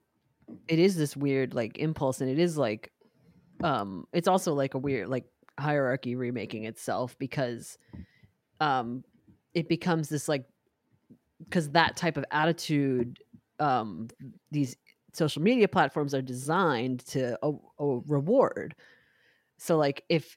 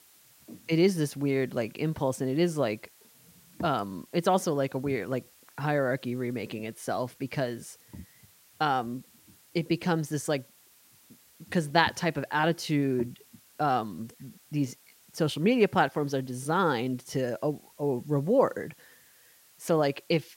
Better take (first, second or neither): first